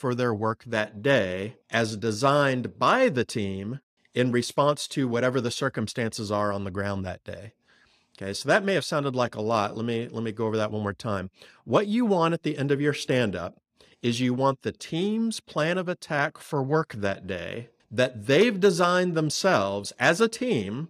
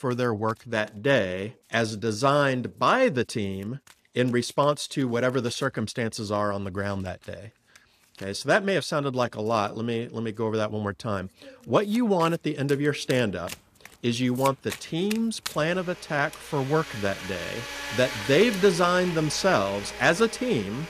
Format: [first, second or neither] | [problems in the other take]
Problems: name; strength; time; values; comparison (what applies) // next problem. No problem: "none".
first | household noises; noticeable; throughout; 10 dB below the speech